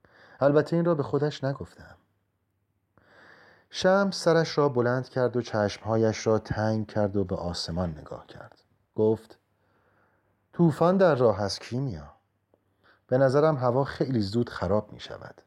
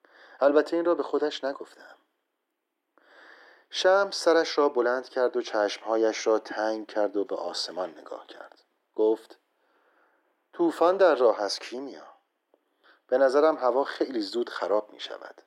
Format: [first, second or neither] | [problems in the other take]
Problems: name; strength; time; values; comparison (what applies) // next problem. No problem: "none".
first | thin; somewhat; fading below 300 Hz